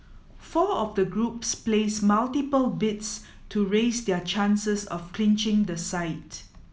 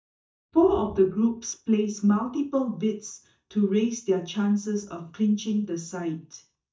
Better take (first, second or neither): first